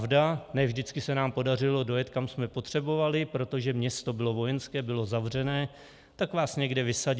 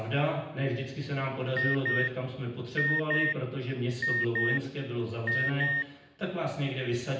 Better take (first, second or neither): first